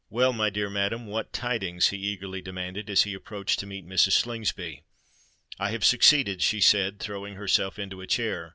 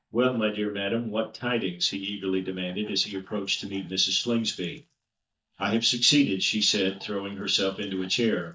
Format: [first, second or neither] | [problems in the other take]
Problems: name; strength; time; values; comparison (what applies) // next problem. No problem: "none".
first | noise reduction (neural mask model DeepFilterNet 3)